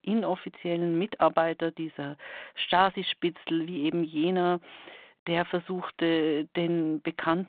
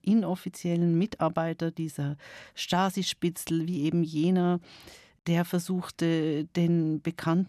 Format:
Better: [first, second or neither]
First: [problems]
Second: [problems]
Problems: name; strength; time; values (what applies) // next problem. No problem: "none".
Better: second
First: phone-call audio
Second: none